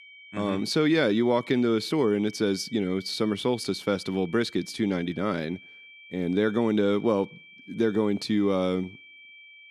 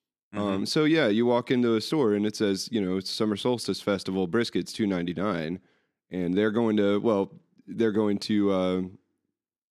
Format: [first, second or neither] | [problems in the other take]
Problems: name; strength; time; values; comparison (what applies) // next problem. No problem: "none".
second | high-pitched whine; faint; throughout; 2.5 kHz, 20 dB below the speech